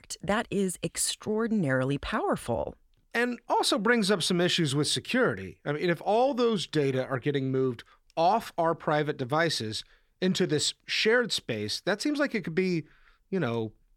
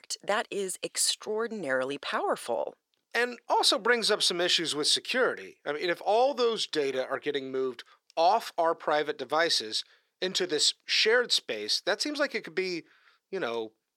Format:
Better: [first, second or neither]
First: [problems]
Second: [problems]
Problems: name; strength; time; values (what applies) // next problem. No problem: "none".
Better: first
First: none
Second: thin; somewhat; fading below 450 Hz